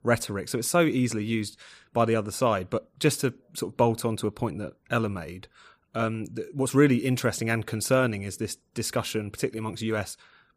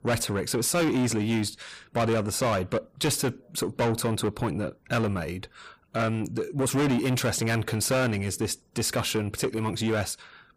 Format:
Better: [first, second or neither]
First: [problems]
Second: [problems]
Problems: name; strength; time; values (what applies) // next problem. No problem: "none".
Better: first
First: none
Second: distortion; heavy; 6 dB below the speech